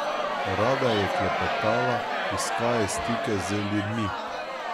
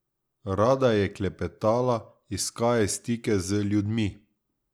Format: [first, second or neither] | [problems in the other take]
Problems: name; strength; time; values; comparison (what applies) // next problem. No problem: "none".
second | background sound (Crowd); 1 dB above the speech